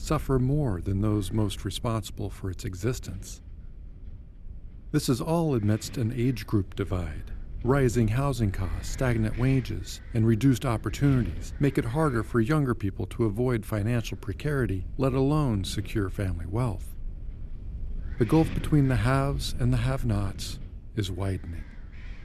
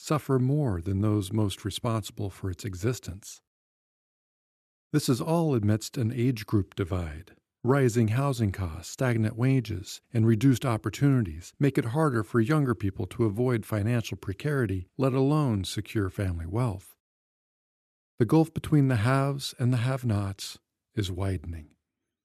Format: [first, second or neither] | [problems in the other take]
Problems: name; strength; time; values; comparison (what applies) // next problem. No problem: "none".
second | wind noise on the microphone; occasional gusts; 20 dB below the speech